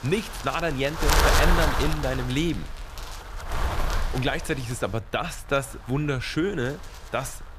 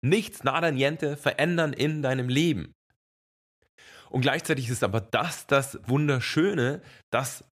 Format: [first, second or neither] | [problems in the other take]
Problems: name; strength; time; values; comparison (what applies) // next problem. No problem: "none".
second | wind noise on the microphone; heavy; 1 dB above the speech